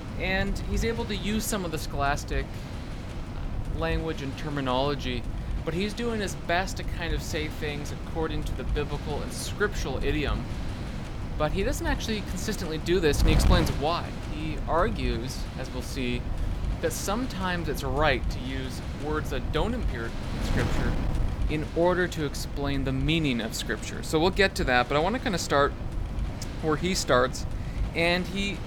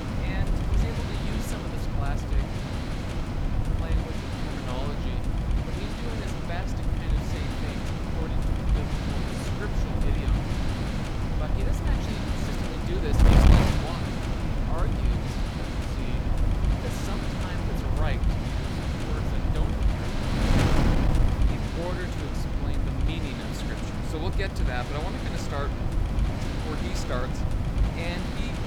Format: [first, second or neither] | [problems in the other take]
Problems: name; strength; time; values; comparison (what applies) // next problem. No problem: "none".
first | wind noise on the microphone; heavy; 5 dB above the speech; occasional gusts in the first